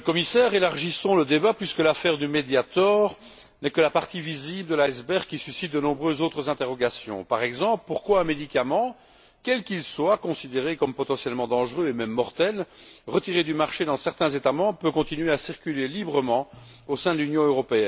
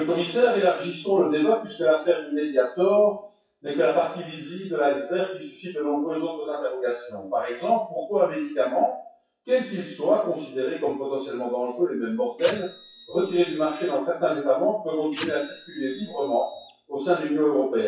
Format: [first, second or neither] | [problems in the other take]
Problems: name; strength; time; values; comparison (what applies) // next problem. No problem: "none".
first | noise reduction (classical method WPE with log-MMSE)